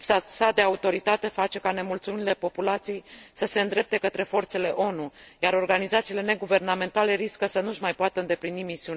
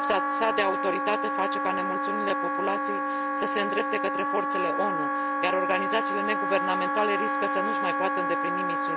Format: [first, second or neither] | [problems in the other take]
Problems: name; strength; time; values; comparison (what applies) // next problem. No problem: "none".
first | background sound (Wind instrument, woodwind instrument); 3 dB above the speech